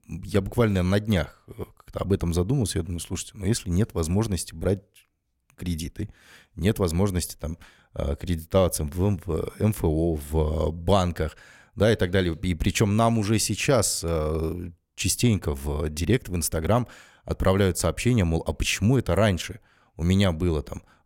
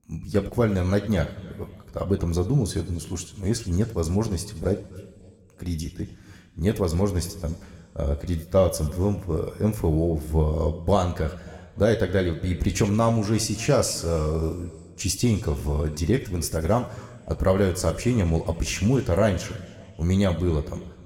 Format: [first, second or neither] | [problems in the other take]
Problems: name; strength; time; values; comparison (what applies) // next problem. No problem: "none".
first | room echo; very slight; dies away in 1.5 s